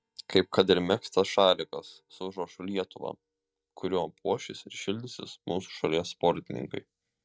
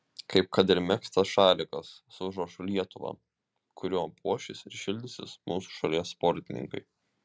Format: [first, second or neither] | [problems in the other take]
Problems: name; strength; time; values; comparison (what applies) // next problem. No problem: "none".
second | noise reduction (neural mask model DeepFilterNet 3)